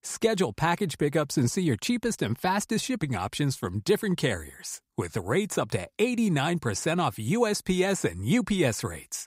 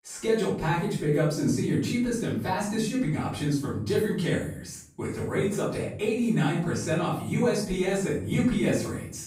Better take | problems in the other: first | off-mic speech; far // room echo; noticeable; dies away in 0.6 s

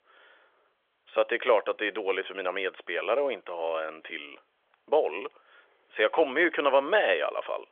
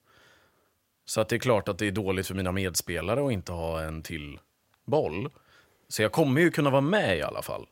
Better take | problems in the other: second | phone-call audio; nothing above 3.5 kHz

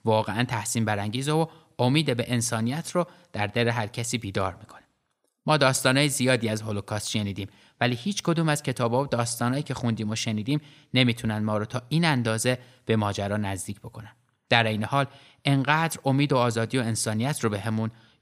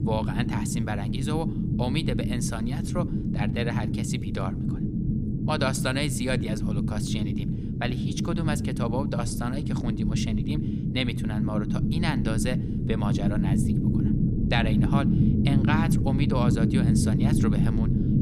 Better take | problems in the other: first | low rumble; loud; throughout; 2 dB below the speech

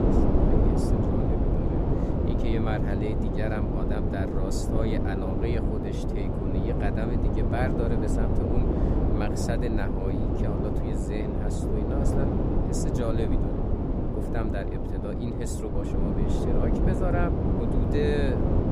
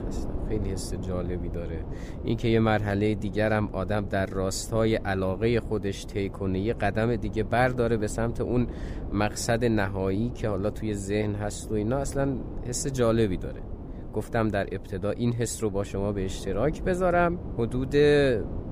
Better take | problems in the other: second | wind noise on the microphone; heavy; 2 dB above the speech; occasional gusts in the second

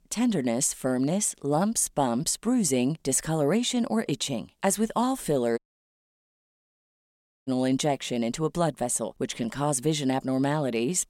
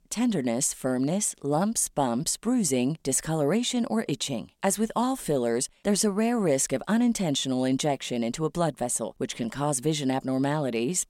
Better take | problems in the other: second | audio cutting out; at 5.5 s for 2 s

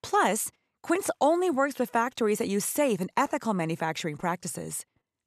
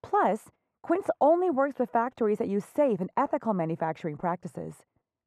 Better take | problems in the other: first | muffled; very; fading above 2.5 kHz

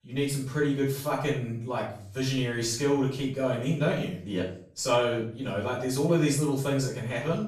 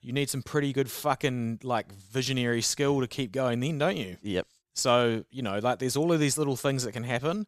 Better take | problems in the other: second | off-mic speech; far // room echo; noticeable; dies away in 0.5 s

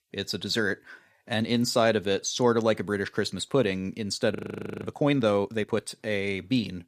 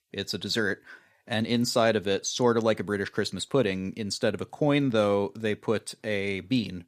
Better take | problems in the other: second | audio freezing; at 4.5 s

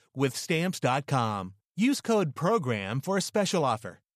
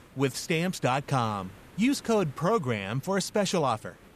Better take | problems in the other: first | hiss; faint; throughout; 25 dB below the speech

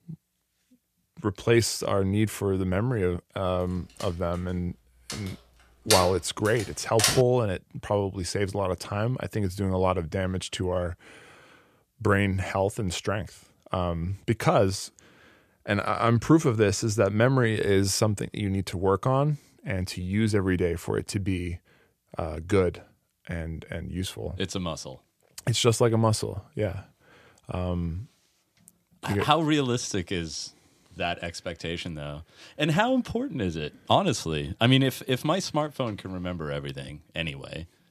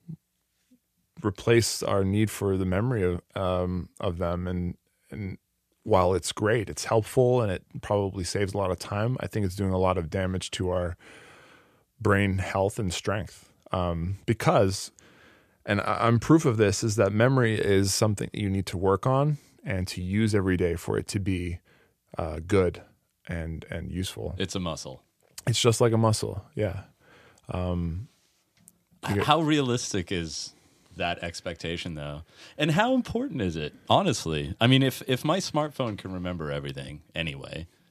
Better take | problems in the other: second | door banging; loud; from 5 to 7 s; peak 3 dB above the speech

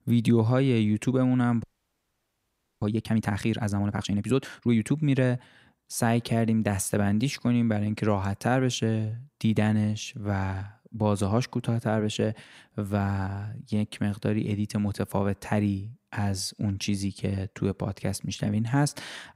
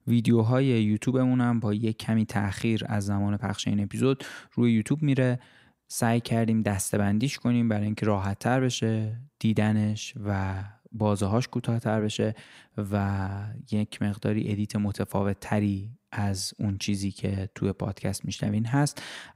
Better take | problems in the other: second | audio freezing; at 1.5 s for 1 s

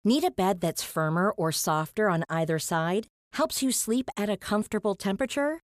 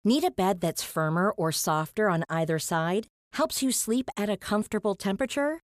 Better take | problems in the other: neither | none

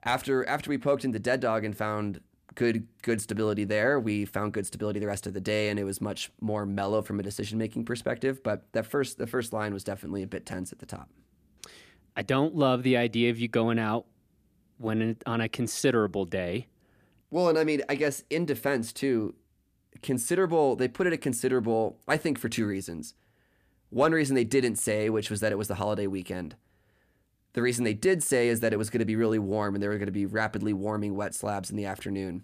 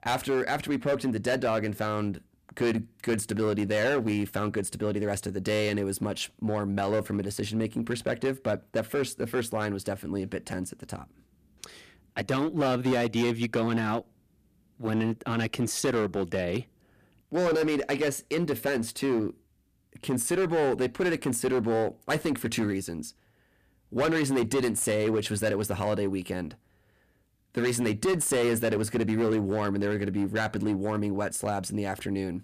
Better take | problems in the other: first | distortion; slight; 9% of the sound clipped

